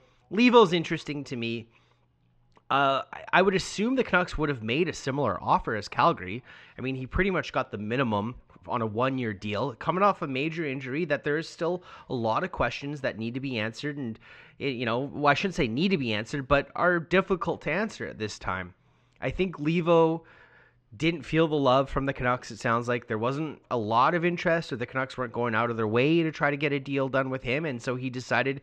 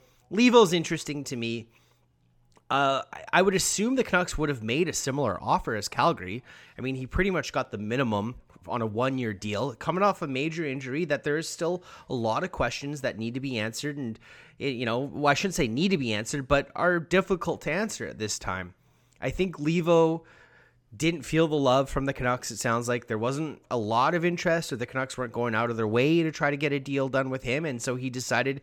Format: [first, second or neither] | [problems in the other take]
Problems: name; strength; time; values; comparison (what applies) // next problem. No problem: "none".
second | muffled; slightly; fading above 3.5 kHz